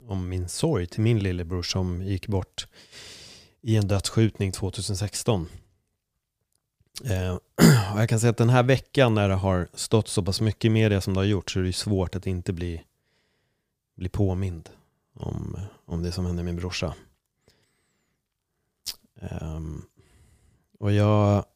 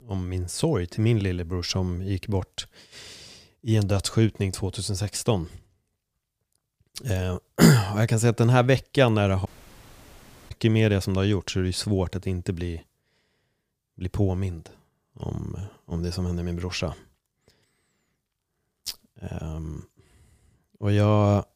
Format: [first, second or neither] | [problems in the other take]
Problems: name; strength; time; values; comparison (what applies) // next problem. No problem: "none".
first | audio cutting out; at 9.5 s for 1 s